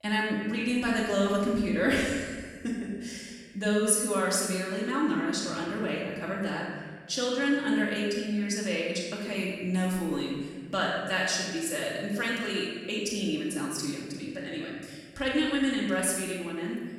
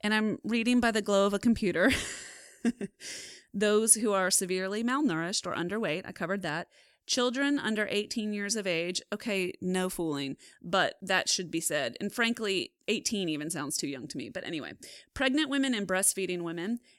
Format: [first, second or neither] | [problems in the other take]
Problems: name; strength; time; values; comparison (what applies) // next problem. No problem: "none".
second | off-mic speech; far // room echo; noticeable; dies away in 1.5 s